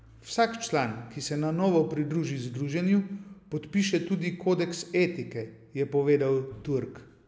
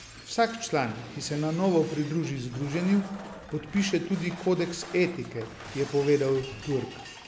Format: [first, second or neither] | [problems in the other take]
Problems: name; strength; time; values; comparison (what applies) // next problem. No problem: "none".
first | background sound (Shatter); 16 dB below the speech